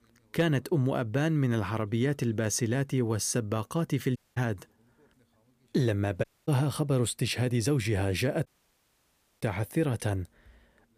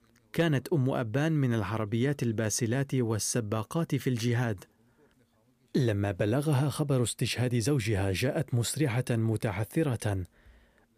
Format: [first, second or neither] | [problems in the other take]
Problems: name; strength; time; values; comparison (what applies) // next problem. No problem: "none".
second | audio cutting out; at 4 s, at 6 s and at 8.5 s for 1 s